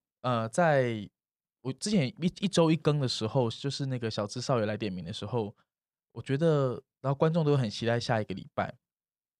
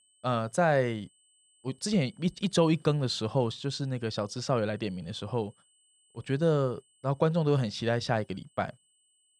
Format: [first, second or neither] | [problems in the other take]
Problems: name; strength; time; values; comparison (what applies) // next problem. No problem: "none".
first | high-pitched whine; faint; throughout; 8 kHz, 35 dB below the speech